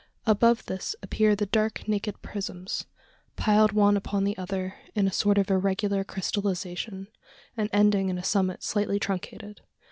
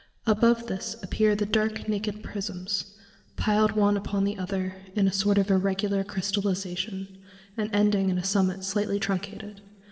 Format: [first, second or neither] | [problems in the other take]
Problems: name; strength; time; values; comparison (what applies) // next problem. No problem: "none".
first | room echo; dies away in 1.5 s